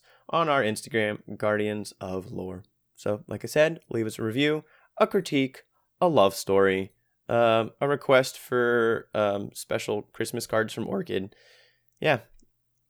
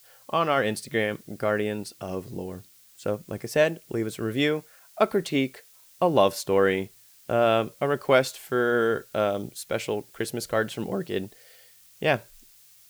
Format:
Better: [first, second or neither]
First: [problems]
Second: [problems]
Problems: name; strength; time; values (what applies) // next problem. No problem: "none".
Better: first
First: none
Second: hiss; faint; throughout; 25 dB below the speech